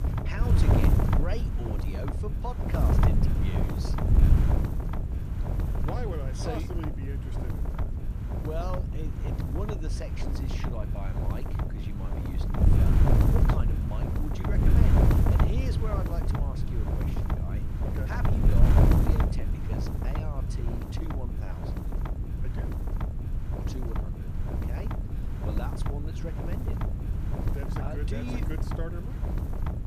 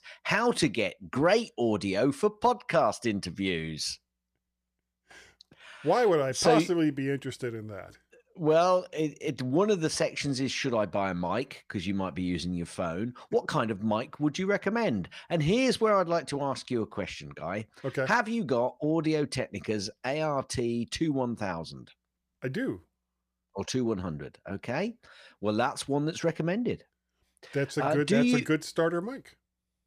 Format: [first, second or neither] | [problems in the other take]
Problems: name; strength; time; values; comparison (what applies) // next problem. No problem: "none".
second | wind noise on the microphone; heavy; 4 dB above the speech